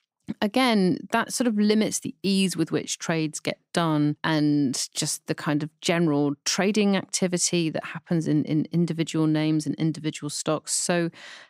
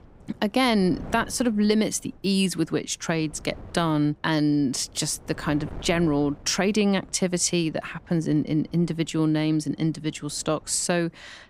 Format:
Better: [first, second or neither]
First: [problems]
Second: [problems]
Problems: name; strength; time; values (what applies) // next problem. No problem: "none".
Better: first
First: none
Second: wind noise on the microphone; occasional gusts; 25 dB below the speech